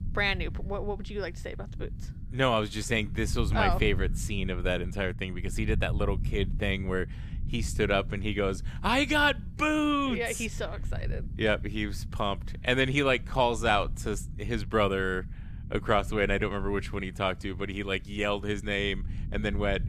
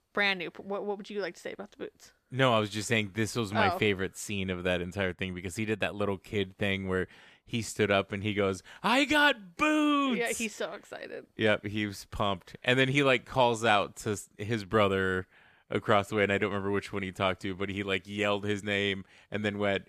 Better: second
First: low rumble; faint; throughout; 25 dB below the speech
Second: none

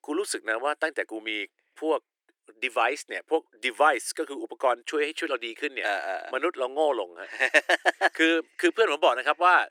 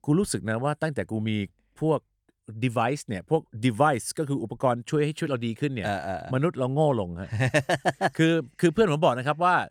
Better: second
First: thin; very; fading below 350 Hz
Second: none

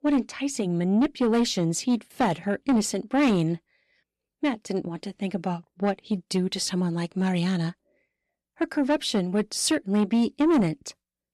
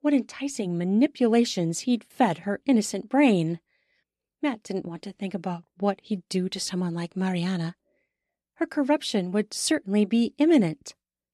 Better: second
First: distortion; slight; 10 dB below the speech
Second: none

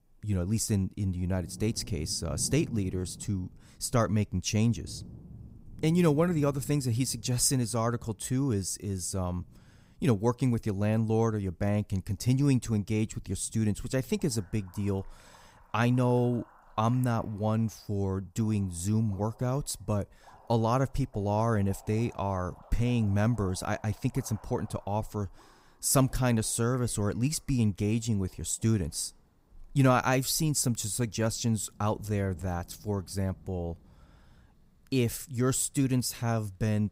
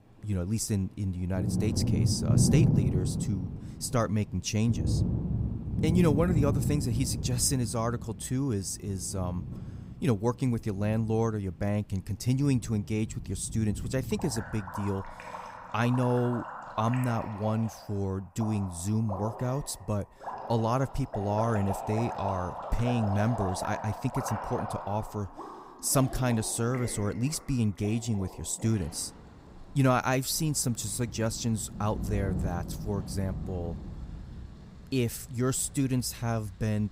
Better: first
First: rain or running water; faint; throughout; 20 dB below the speech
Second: rain or running water; loud; throughout; 4 dB below the speech

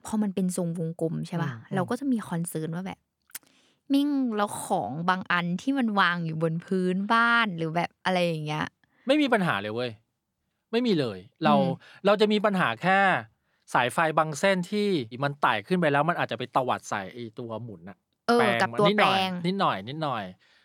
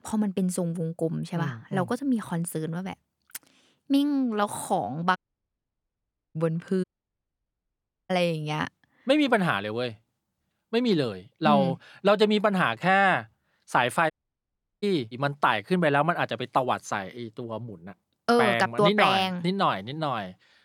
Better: first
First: none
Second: audio cutting out; at 5 s for 1 s, at 7 s for 1.5 s and at 14 s for 0.5 s

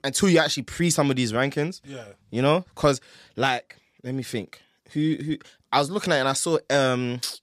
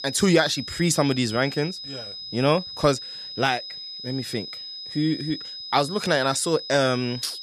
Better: first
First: none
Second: high-pitched whine; loud; throughout; 5 kHz, 10 dB below the speech

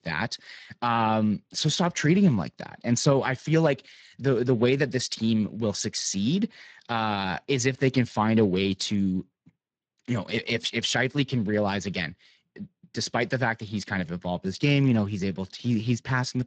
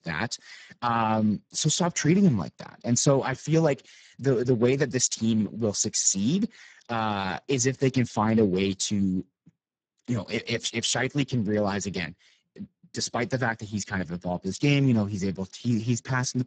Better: first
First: garbled, watery; slightly; nothing above 7.5 kHz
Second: garbled, watery; badly; nothing above 7.5 kHz

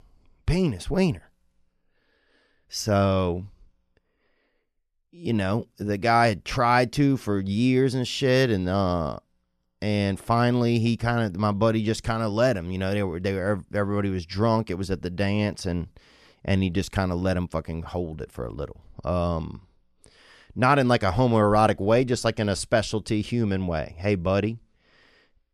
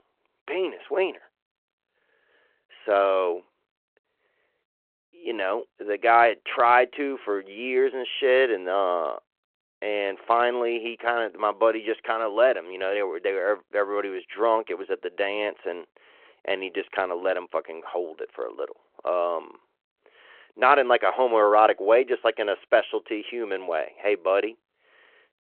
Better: first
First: none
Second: phone-call audio

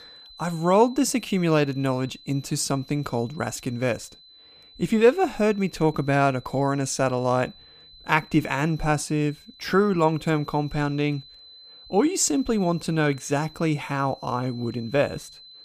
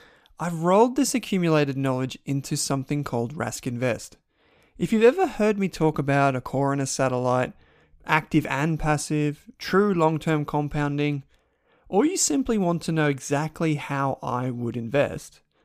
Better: second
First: high-pitched whine; faint; throughout; 4 kHz, 25 dB below the speech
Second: none

